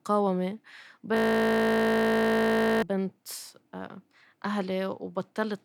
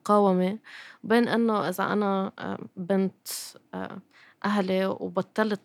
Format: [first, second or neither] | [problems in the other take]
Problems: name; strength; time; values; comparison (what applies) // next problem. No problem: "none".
second | audio freezing; at 1 s for 1.5 s